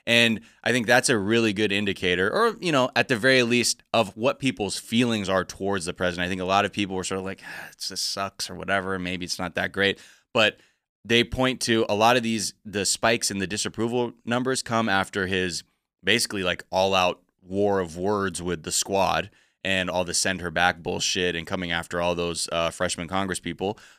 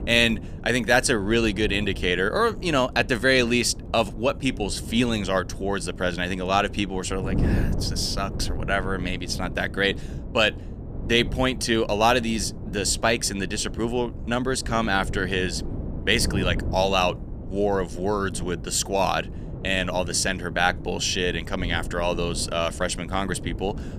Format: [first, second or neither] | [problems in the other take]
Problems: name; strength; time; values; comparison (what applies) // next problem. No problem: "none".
first | wind noise on the microphone; occasional gusts; 20 dB below the speech